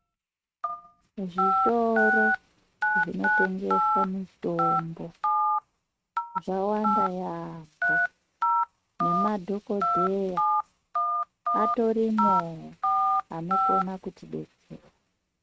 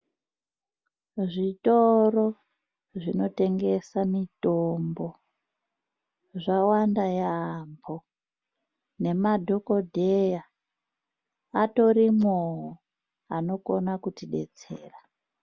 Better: second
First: noise reduction (neural mask model RNNoise)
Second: none

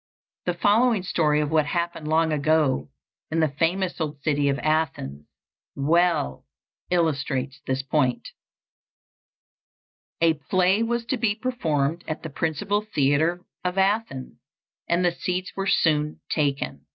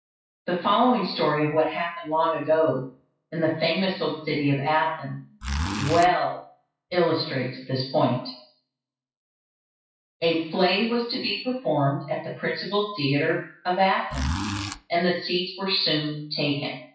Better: first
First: none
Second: noise reduction (classical method WPE with log-MMSE)

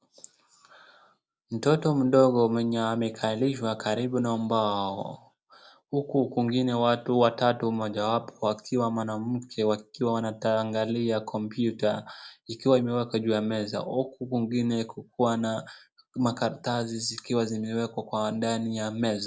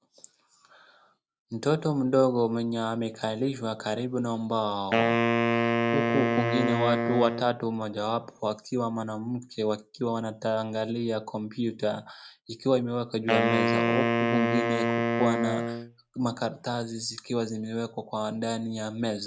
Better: first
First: none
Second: background sound (Wind instrument, woodwind instrument); 2 dB above the speech

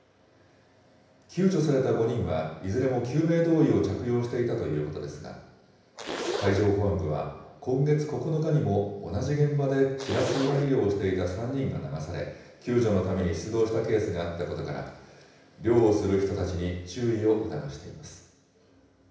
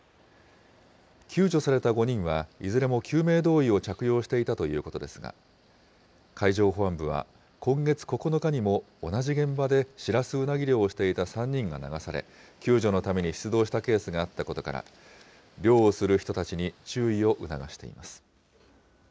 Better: second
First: background sound (Zipper (clothing)); 9 dB below the speech // room echo; dies away in 0.9 s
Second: none

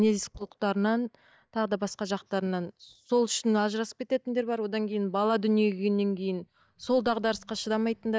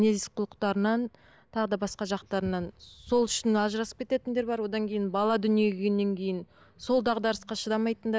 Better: second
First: noise reduction (neural mask model DeepFilterNet 3)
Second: none

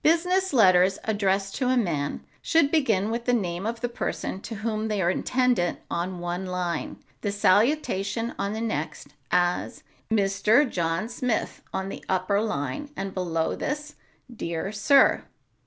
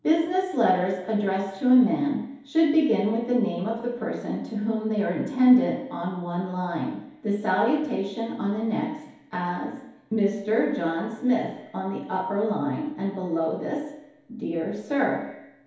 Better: first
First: none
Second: room echo; dies away in 2.2 s

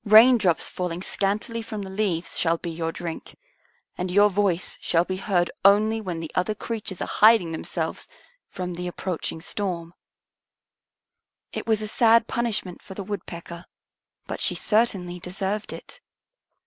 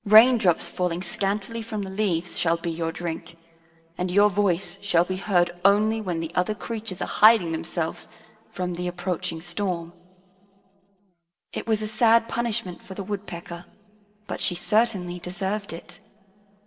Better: first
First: none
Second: room echo; dies away in 2.3 s

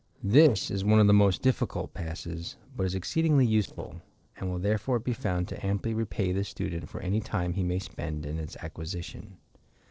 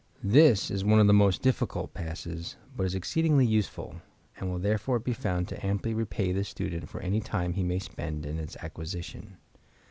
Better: second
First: noise reduction (neural separator model SepFormer DNS4)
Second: none

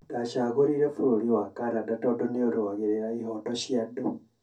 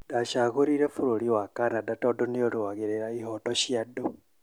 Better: second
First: room echo; dies away in 0.3 s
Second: none

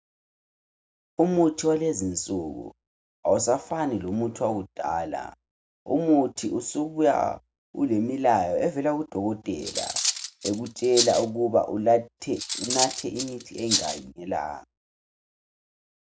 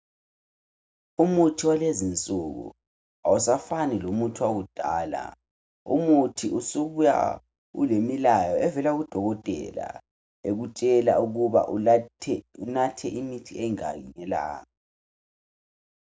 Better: second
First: background sound (Cutlery, silverware); 3 dB below the speech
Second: none

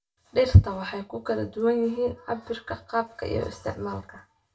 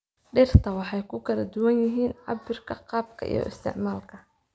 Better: second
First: room echo; dies away in 0.2 s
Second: none

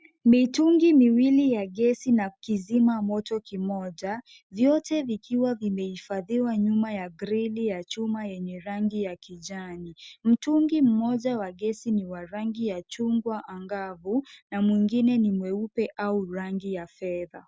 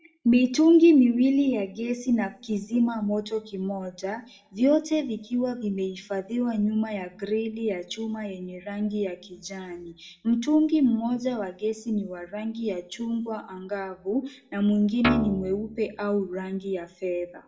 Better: first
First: none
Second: background sound (Guitar); 5 dB below the speech // room echo; dies away in 0.4 s

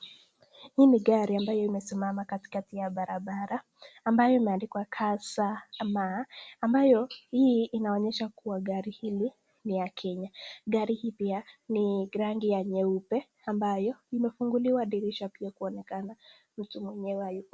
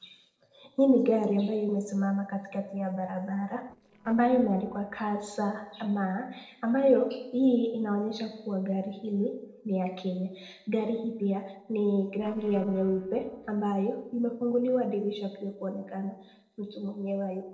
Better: first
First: none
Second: noise reduction (neural separator model SepFormer DNS4)

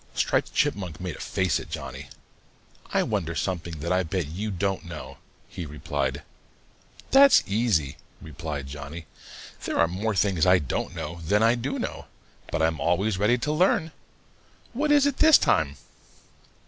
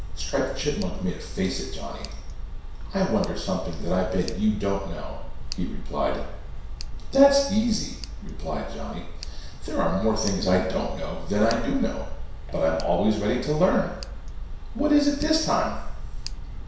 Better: first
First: none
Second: background sound (Tick); 5 dB below the speech // room echo; dies away in 0.7 s

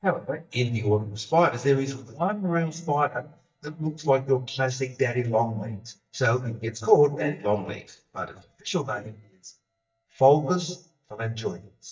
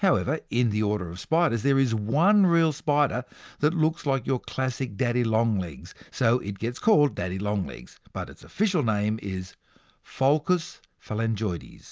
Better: second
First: noise reduction (neural mask model DeepFilterNet 3)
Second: none

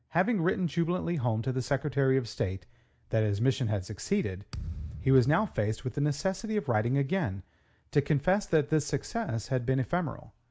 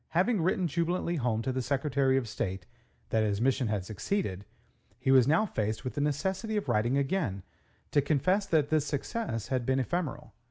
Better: second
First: background sound (Thump, thud); 14 dB below the speech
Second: none

